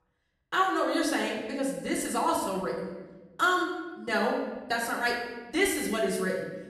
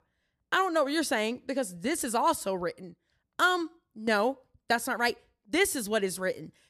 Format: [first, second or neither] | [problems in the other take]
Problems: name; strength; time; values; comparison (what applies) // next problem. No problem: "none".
second | room echo; noticeable; dies away in 1 s // off-mic speech; far